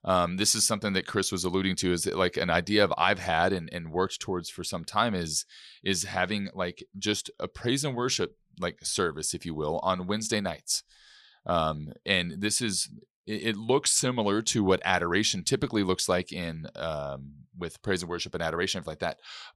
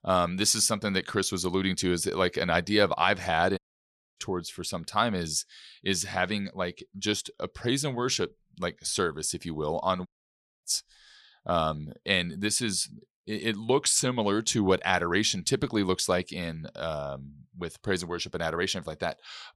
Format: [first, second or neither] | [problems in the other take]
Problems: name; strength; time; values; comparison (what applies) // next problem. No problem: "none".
first | audio cutting out; at 3.5 s for 0.5 s and at 10 s for 0.5 s